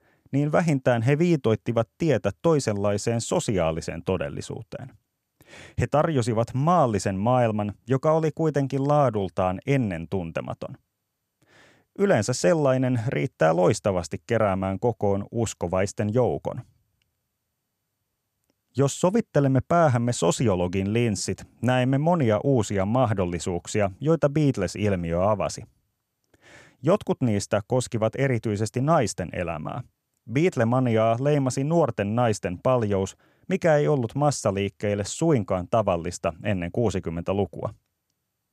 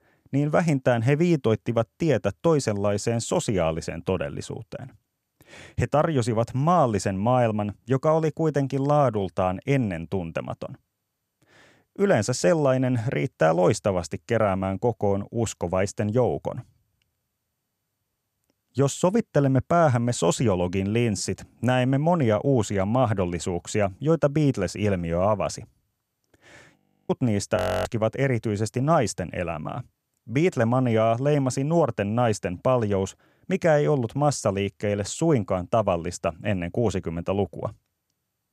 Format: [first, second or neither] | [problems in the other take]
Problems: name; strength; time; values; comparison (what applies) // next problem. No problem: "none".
first | audio freezing; at 27 s and at 28 s